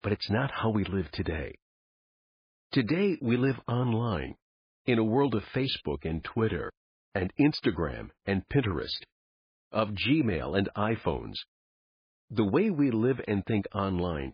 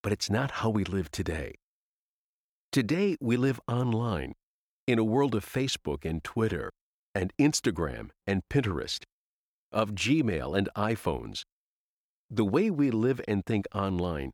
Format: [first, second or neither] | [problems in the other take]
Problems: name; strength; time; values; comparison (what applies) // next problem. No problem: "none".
second | garbled, watery; badly; nothing above 5 kHz